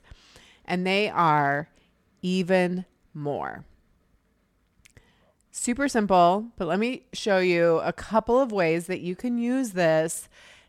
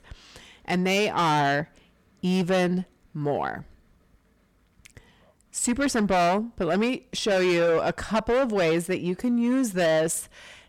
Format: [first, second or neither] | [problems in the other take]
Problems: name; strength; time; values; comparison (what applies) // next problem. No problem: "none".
first | distortion; heavy; 8 dB below the speech